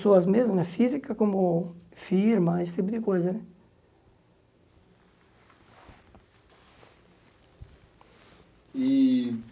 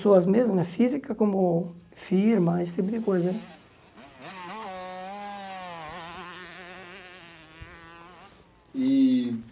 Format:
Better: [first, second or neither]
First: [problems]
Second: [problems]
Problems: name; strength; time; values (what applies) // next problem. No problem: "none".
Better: first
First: none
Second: background sound (Motorcycle); 17 dB below the speech